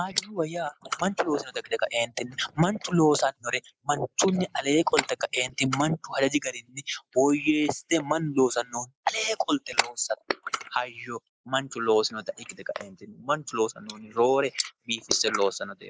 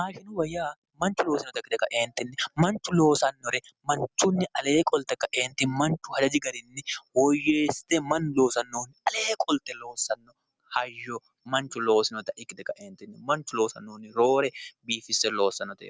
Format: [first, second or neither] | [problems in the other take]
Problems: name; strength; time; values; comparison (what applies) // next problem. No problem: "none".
second | noise reduction (neural mask model Resemble Enhance denoiser)